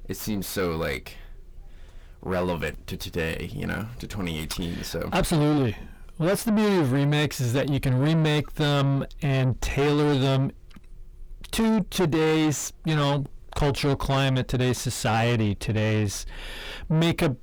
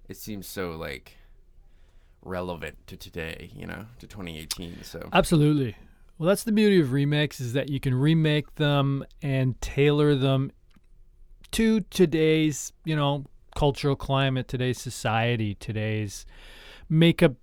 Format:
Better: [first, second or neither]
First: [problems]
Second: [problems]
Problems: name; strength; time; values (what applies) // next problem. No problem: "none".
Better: second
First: distortion; heavy; 5 dB below the speech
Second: none